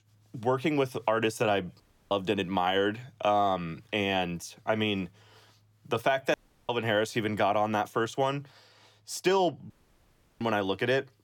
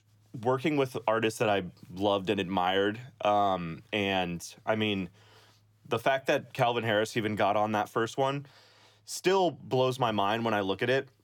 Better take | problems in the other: second | audio cutting out; at 2 s, at 6.5 s and at 9.5 s for 0.5 s

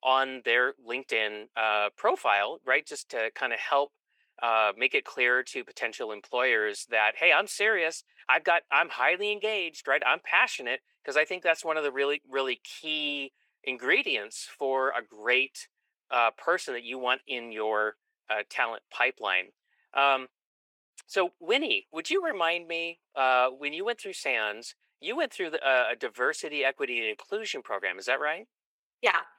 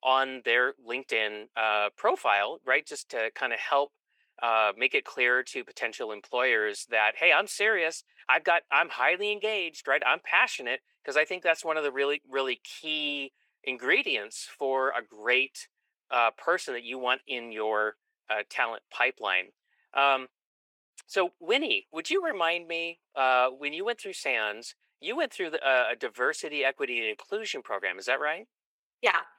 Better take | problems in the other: neither | thin; very; fading below 400 Hz; the same in both

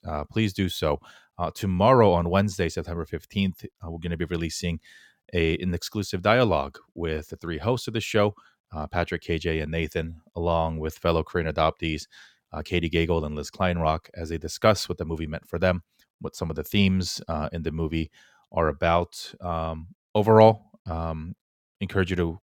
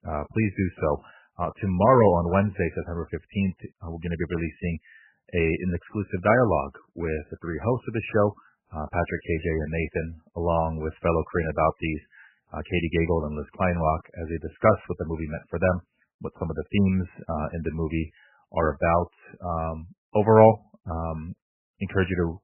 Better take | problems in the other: first | garbled, watery; badly; nothing above 3 kHz

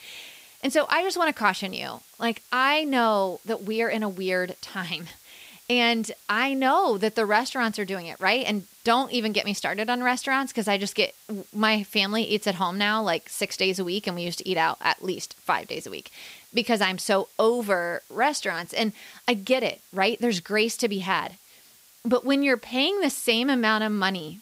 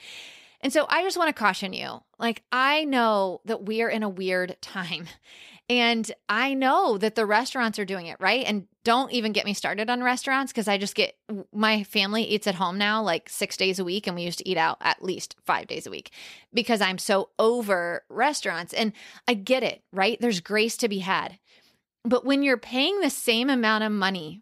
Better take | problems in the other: second | hiss; faint; throughout; 25 dB below the speech

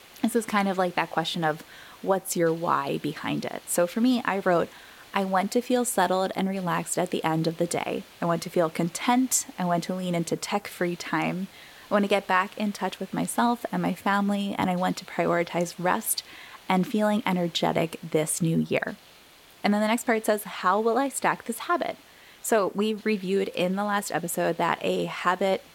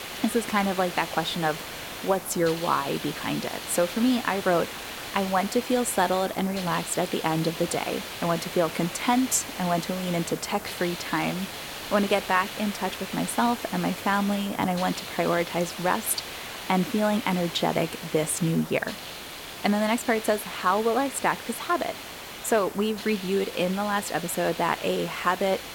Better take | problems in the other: first | hiss; loud; throughout; 9 dB below the speech; faint in the first

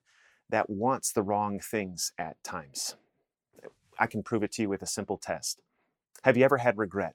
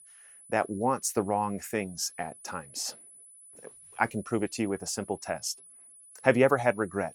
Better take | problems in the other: first | high-pitched whine; noticeable; throughout; 10 kHz, 20 dB below the speech

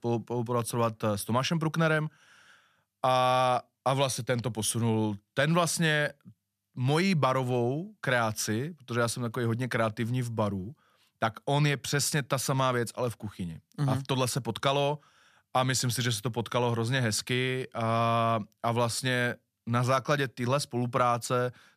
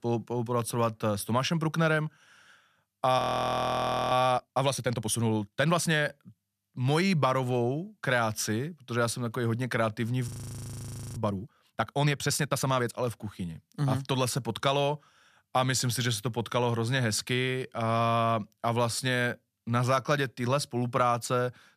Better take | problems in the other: first | audio freezing; at 3 s for 1 s and at 10 s for 1 s

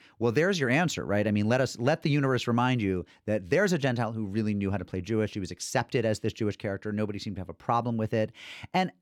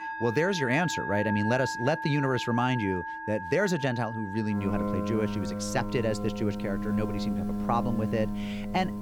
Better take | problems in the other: first | background music; loud; throughout; 4 dB below the speech

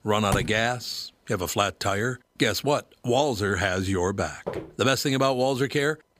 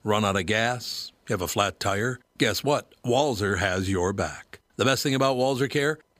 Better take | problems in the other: second | door banging; noticeable; at 0.5 s; peak 5 dB below the speech // footsteps; noticeable; at 4.5 s; peak 10 dB below the speech

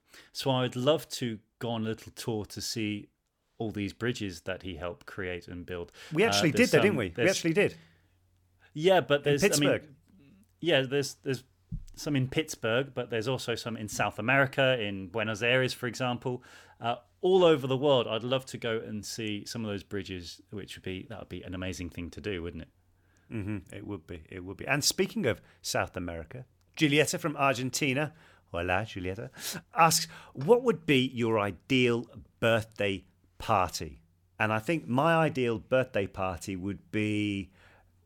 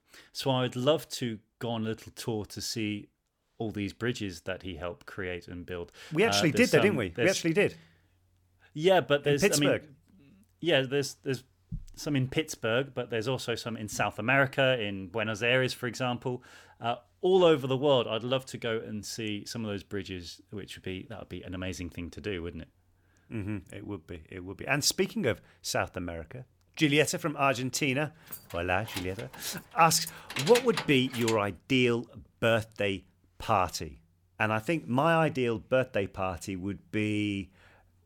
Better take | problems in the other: first | jangling keys; noticeable; from 28 to 31 s; peak 2 dB below the speech

